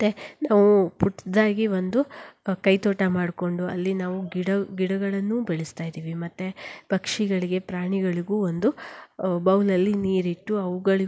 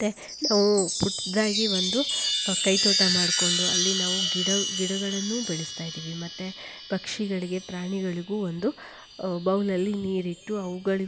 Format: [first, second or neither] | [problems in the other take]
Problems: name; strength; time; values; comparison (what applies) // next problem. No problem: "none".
first | background sound (Chime); 1 dB below the speech